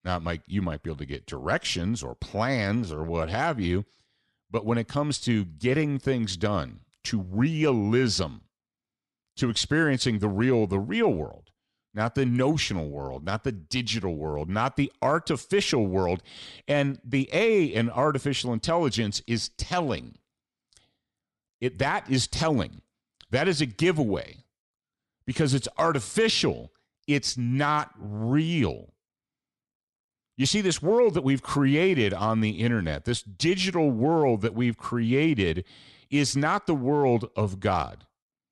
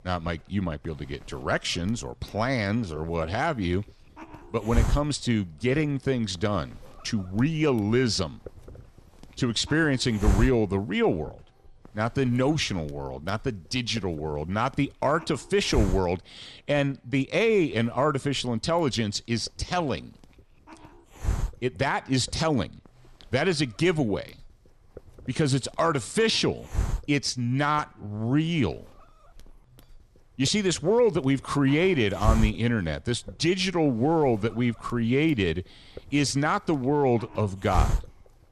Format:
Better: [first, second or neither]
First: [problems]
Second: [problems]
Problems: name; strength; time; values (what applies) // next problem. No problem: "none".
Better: first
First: none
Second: hiss; loud; throughout; 7 dB below the speech